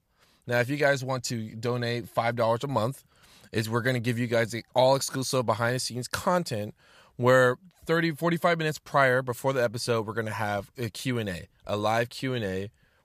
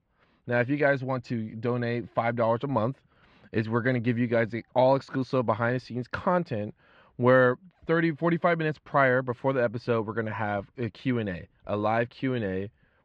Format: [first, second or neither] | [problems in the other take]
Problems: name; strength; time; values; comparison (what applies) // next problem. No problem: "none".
first | muffled; very; fading above 2.5 kHz